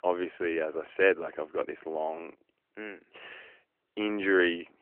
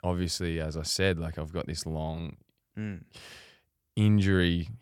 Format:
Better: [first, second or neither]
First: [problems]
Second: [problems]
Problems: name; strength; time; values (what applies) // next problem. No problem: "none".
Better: second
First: phone-call audio; nothing above 3 kHz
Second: none